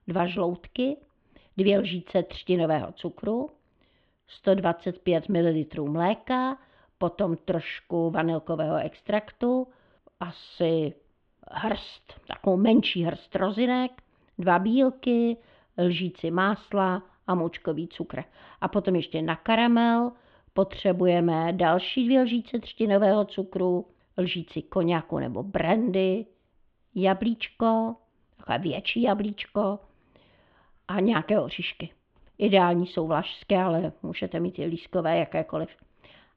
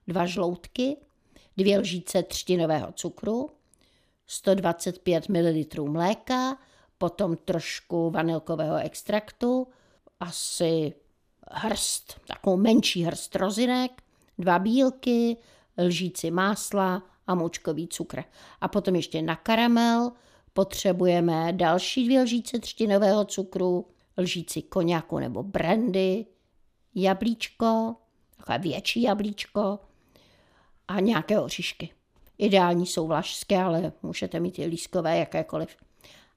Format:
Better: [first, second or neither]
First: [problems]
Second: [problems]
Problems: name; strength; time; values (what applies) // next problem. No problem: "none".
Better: second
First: muffled; very; fading above 3 kHz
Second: none